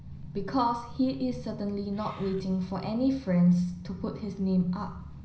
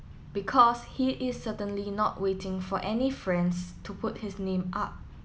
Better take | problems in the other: second | background sound (Meow / Purr); 20 dB below the speech // room echo; dies away in 0.5 s

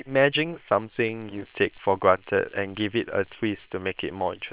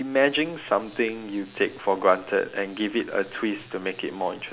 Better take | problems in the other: second | noise reduction (neural separator model SepFormer WHAM!)

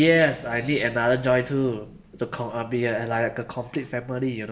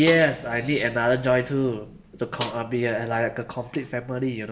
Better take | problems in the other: first | background sound (Snare drum); 16 dB below the speech

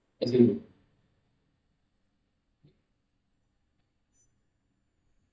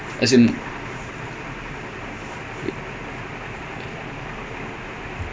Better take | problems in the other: second | noise reduction (neural mask model DeepFilterNet 3)

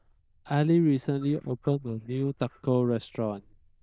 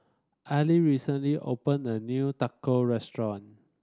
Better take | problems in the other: second | noise reduction (neural diffusion model UNIVERSE++)

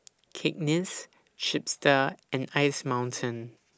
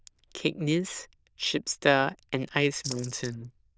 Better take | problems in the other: first | noise reduction (neural diffusion model UNIVERSE++)

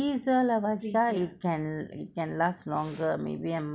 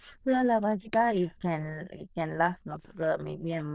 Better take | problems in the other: first | noise reduction (neural diffusion model UNIVERSE++)

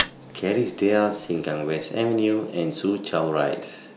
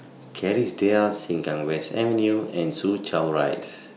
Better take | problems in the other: second | background sound (Fire); 14 dB below the speech

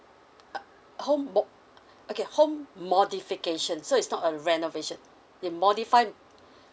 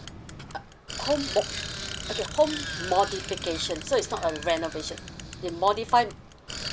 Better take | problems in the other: first | background sound (Bicycle); 8 dB below the speech

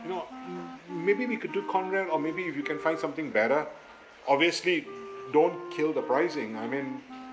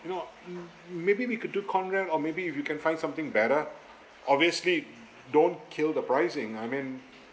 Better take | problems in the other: second | background sound (Wind instrument, woodwind instrument); 13 dB below the speech

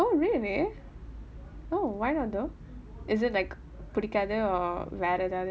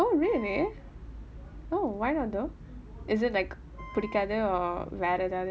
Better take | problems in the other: first | background sound (Wind instrument, woodwind instrument); 17 dB below the speech

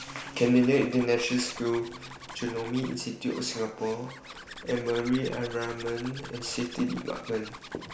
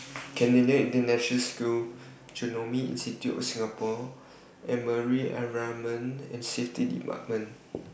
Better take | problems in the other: second | background sound (Zipper (clothing)); 15 dB below the speech

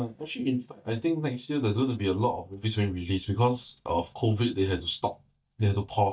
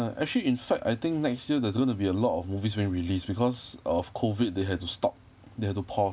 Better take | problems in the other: second | noise reduction (neural mask model DeepFilterNet 3)

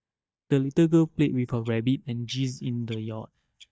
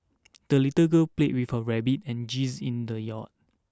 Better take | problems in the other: second | noise reduction (neural mask model DeepFilterNet 3)

